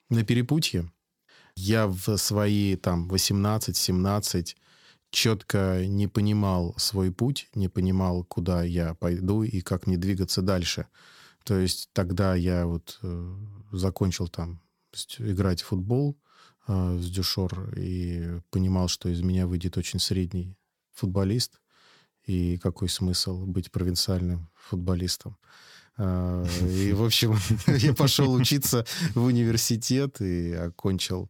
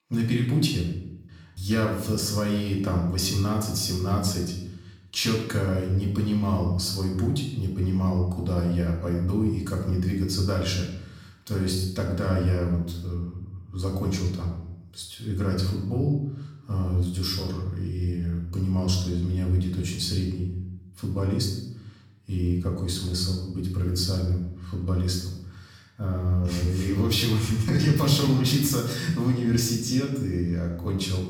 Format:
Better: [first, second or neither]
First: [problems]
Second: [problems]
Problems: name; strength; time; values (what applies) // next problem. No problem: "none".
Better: first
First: none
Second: off-mic speech; far // room echo; noticeable; dies away in 0.7 s